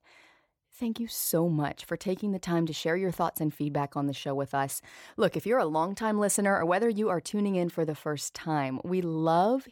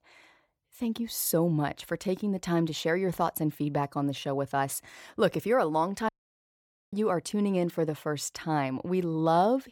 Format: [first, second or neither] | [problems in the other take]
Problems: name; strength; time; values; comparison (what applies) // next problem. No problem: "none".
first | audio cutting out; at 6 s for 1 s